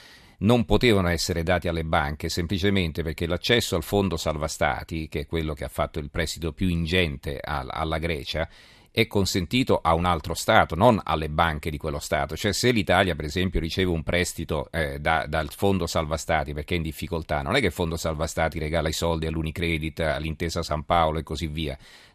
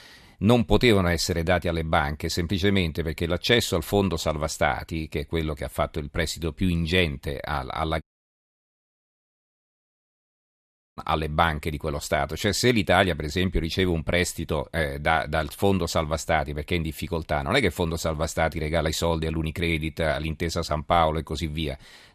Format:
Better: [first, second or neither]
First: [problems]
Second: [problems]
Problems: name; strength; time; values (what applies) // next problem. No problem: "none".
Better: first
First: none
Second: audio cutting out; at 8 s for 3 s